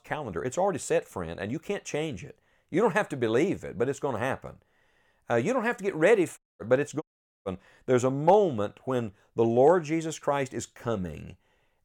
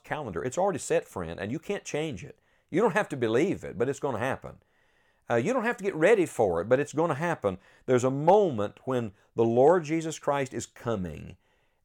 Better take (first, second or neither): second